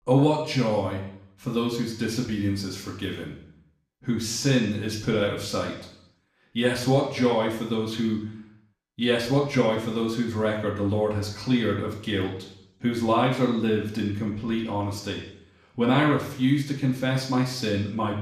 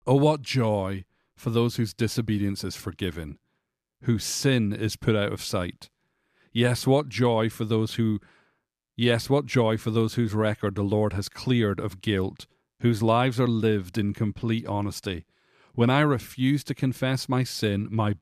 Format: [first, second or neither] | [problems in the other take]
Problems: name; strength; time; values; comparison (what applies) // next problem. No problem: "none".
second | room echo; noticeable; dies away in 0.7 s // off-mic speech; somewhat distant